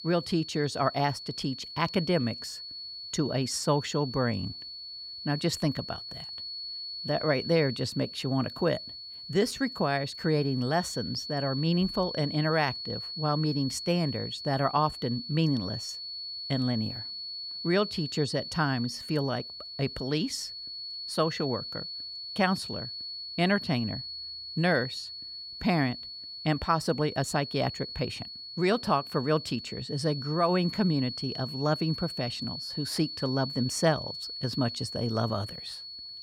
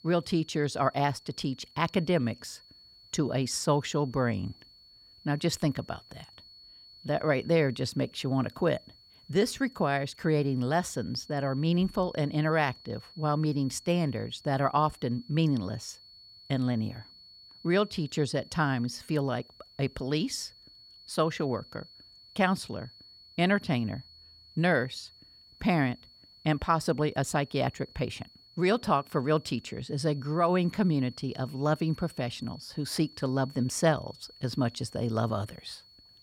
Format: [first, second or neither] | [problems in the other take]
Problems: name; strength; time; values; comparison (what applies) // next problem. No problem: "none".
second | high-pitched whine; loud; throughout; 4.5 kHz, 7 dB below the speech; faint in the second